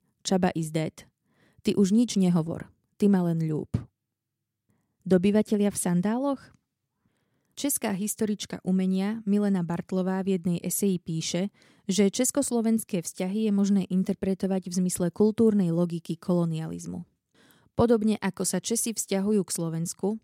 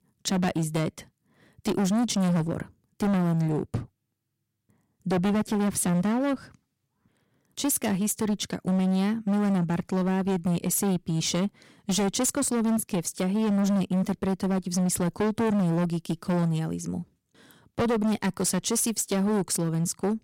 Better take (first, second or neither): first